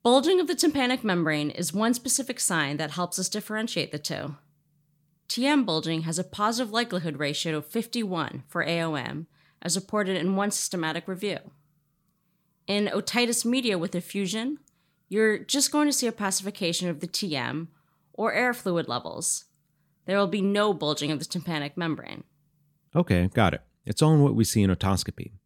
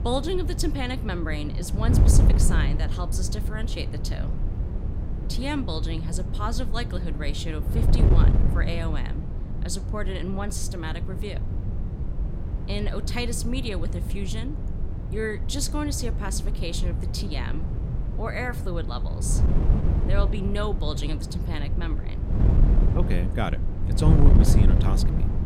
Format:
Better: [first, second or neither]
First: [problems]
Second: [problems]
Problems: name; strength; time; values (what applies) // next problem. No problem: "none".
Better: first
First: none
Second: wind noise on the microphone; heavy; 5 dB below the speech